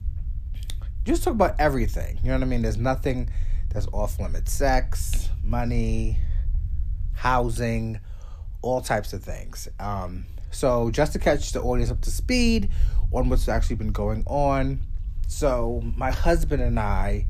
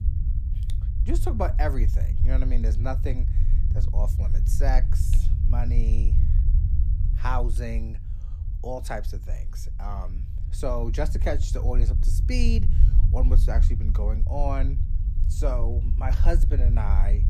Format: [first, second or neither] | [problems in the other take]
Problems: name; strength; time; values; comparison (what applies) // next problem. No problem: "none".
first | low rumble; loud; throughout; 10 dB below the speech; faint in the first